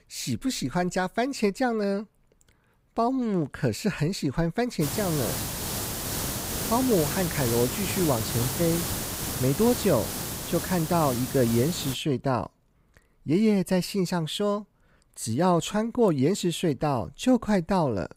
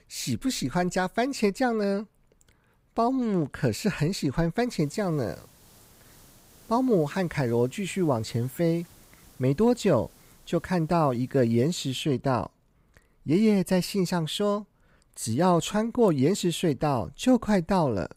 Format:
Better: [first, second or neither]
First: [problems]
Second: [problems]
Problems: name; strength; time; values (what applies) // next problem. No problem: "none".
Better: second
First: hiss; loud; from 5 to 12 s; 4 dB below the speech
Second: hiss; faint; from 5 to 12 s; 30 dB below the speech